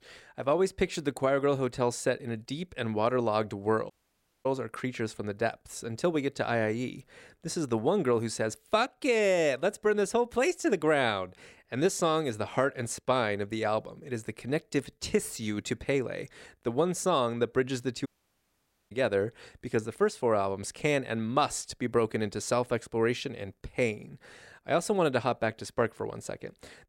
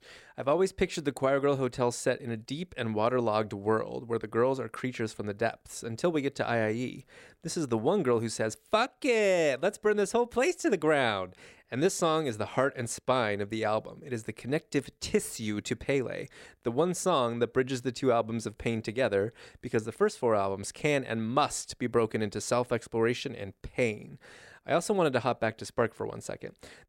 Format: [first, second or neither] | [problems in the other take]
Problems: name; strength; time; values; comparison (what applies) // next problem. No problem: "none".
second | audio cutting out; at 4 s for 0.5 s and at 18 s for 1 s